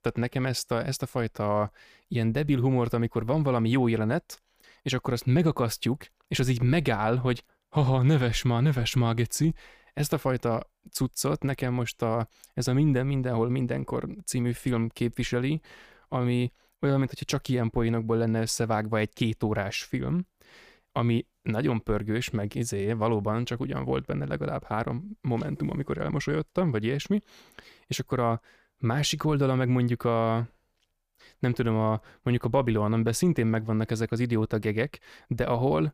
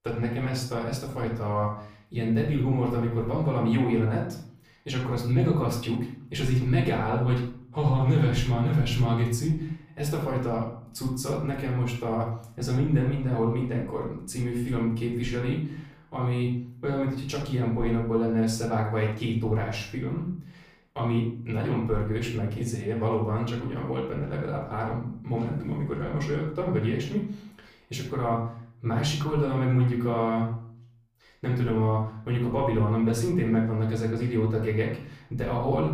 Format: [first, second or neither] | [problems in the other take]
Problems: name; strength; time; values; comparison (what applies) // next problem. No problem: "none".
first | off-mic speech; far // room echo; noticeable; dies away in 0.5 s